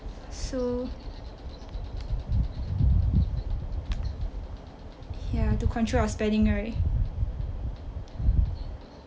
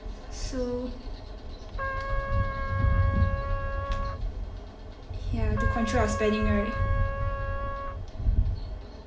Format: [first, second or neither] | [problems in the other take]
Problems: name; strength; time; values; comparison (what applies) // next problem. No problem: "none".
first | background sound (Trumpet); 8 dB below the speech // room echo; dies away in 0.7 s